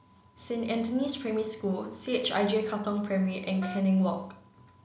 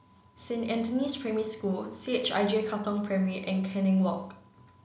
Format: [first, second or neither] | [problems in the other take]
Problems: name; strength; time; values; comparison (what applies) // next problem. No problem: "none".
second | background sound (Wind instrument, woodwind instrument); 14 dB below the speech